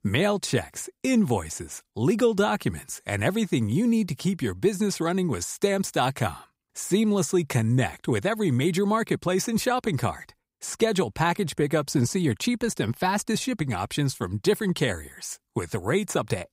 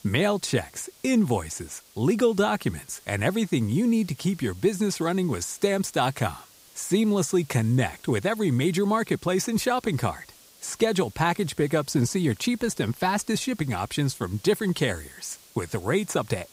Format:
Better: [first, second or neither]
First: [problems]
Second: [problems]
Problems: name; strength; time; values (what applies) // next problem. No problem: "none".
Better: first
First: none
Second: hiss; faint; throughout; 25 dB below the speech